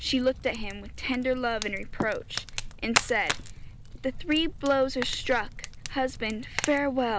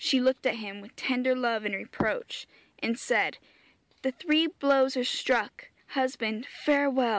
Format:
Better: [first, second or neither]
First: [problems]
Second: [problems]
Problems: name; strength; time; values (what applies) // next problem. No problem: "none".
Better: second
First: background sound (Fire); 6 dB below the speech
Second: none